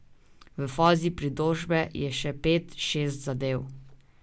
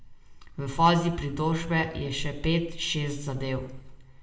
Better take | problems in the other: first | room echo; dies away in 0.7 s

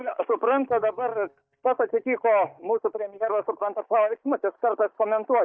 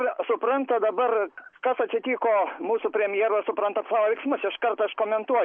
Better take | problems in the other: second | noise reduction (neural mask model DeepFilterNet 3)

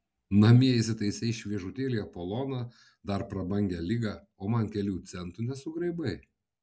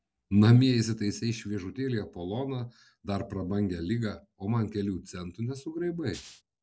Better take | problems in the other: first | noise reduction (neural separator model SepFormer DNS4)

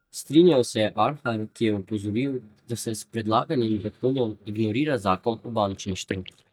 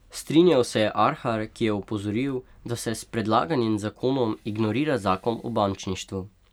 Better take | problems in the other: second | noise reduction (neural mask model DeepFilterNet 3)

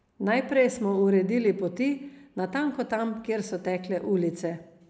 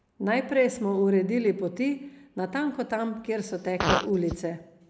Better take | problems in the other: first | background sound (Fart); 4 dB below the speech

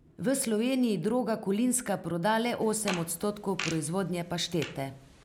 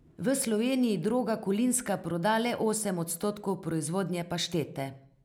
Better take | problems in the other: second | background sound (Fart); 12 dB below the speech

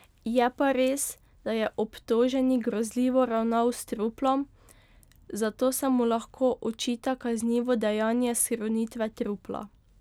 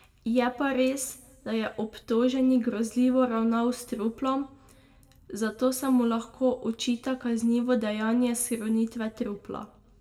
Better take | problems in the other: first | room echo; dies away in 0.7 s

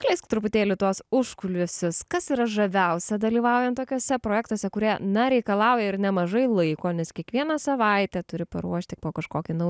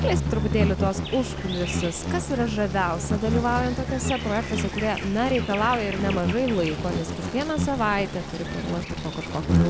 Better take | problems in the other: first | background sound (Insect); 1 dB below the speech

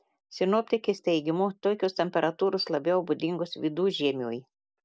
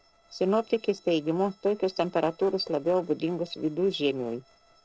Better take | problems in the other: first | noise reduction (neural separator model SepFormer DNS4)

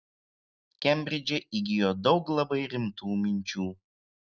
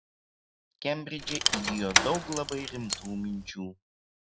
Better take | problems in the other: first | background sound (Rattle / Keys jangling); 4 dB above the speech

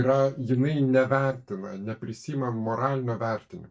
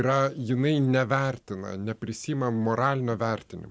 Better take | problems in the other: second | noise reduction (neural mask model DeepFilterNet 3)

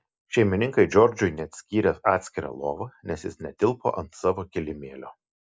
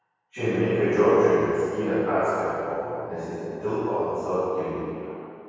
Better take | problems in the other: first | room echo; dies away in 2.2 s

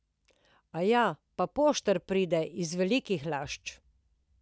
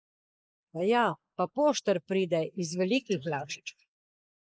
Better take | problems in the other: first | noise reduction (neural mask model Resemble Enhance denoiser)

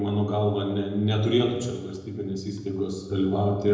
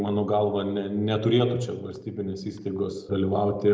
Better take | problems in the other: second | room echo; dies away in 0.9 s

